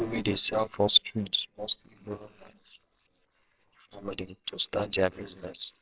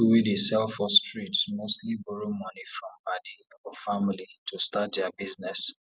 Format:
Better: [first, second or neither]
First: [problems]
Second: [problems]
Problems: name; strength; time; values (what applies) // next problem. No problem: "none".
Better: second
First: noise reduction (neural separator model SepFormer WHAMR!)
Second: none